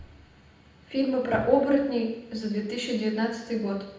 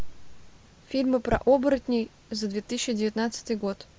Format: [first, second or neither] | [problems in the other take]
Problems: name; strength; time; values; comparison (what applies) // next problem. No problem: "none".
second | room echo; dies away in 0.8 s